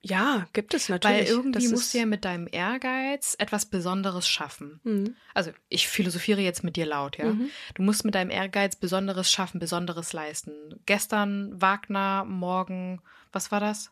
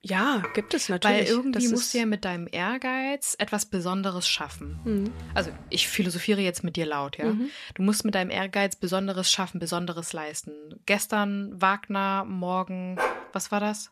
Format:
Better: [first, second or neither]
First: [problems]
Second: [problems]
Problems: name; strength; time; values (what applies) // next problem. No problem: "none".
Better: first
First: none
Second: clattering dishes; faint; at 0.5 s; peak 10 dB below the speech // door banging; faint; from 4.5 to 6 s; peak 10 dB below the speech // dog barking; noticeable; at 13 s; peak 2 dB below the speech